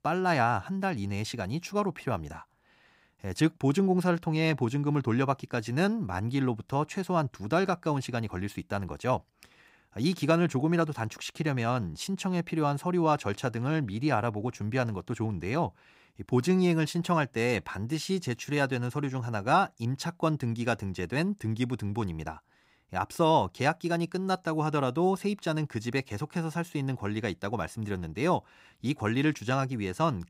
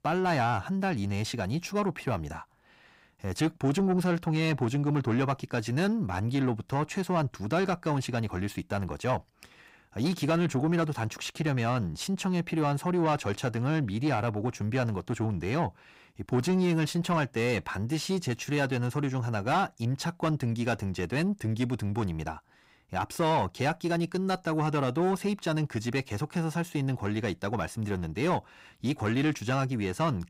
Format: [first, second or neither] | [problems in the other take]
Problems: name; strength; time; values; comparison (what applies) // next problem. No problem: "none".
first | distortion; slight; 10 dB below the speech